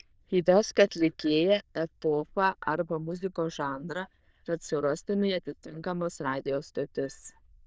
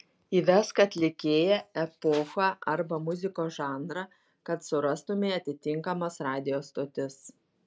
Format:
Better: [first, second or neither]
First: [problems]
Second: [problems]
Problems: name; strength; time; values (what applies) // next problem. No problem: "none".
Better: second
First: noise reduction (neural diffusion model UNIVERSE++)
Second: none